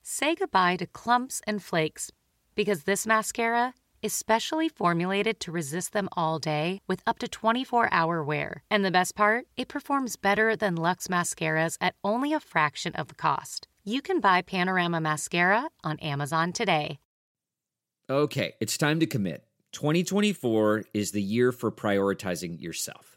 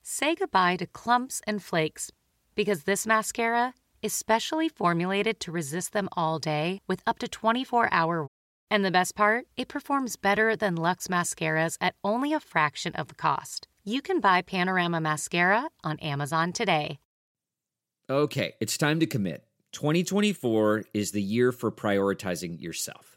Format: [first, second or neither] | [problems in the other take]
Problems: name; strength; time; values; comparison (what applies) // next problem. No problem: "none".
first | audio cutting out; at 8.5 s